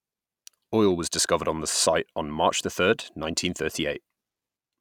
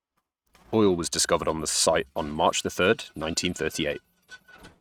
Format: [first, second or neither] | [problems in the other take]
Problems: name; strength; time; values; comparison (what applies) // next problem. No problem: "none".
first | noise reduction (neural mask model RNNoise)